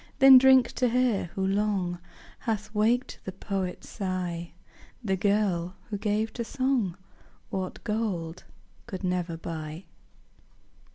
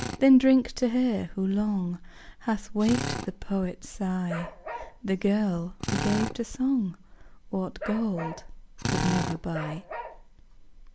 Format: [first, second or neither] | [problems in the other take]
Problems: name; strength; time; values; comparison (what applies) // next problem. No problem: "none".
first | background sound (Bark + Drill); 9 dB below the speech